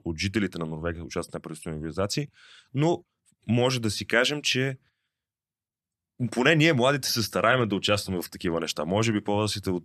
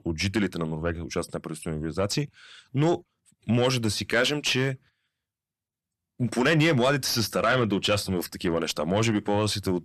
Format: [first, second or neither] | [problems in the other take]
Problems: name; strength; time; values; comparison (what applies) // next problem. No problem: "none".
first | distortion; slight; 10 dB below the speech